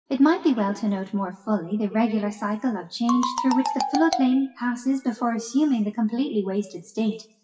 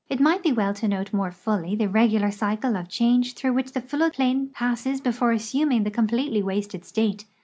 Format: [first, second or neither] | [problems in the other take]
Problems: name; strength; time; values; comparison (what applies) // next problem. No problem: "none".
second | noise reduction (classical method WPE with log-MMSE)